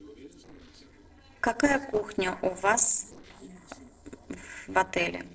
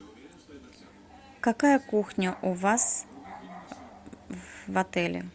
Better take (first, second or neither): second